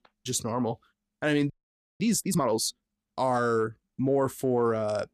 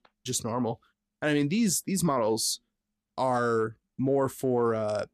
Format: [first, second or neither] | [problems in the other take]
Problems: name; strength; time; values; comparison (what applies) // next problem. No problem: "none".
second | audio freezing; at 1.5 s for 0.5 s